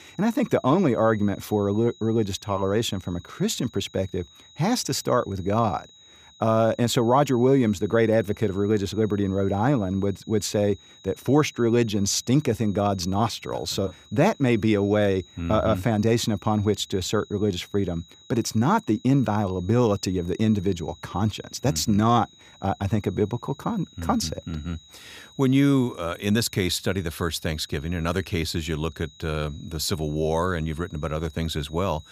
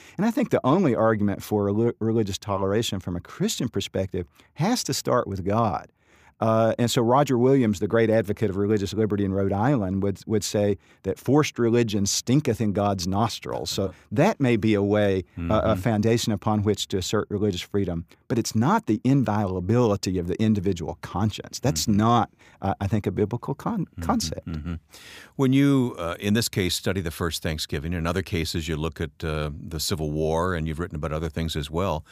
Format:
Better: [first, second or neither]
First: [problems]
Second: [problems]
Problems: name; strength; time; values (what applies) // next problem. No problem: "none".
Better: second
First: high-pitched whine; faint; throughout; 4 kHz, 25 dB below the speech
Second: none